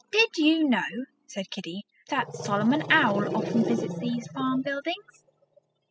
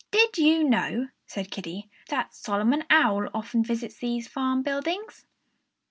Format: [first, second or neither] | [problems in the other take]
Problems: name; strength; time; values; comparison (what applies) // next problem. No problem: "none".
second | noise reduction (classical method spectral subtraction)